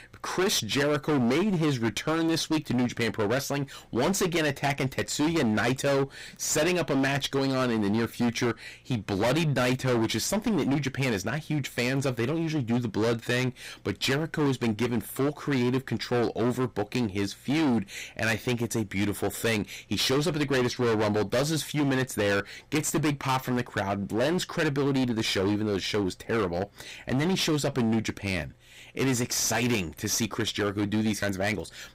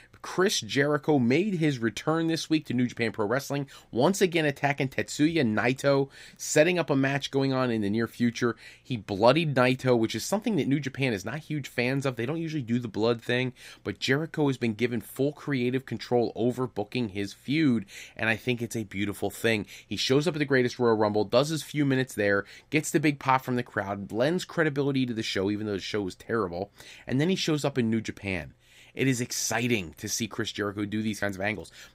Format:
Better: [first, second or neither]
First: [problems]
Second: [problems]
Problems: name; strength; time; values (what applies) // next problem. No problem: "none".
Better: second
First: distortion; heavy; 22% of the sound clipped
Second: none